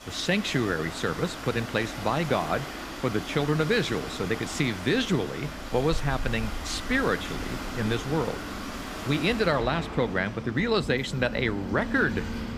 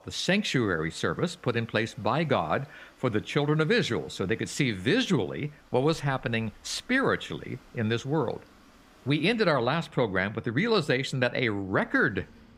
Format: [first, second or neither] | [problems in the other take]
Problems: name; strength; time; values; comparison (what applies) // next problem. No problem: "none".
second | rain or running water; loud; throughout; 8 dB below the speech; faint in the second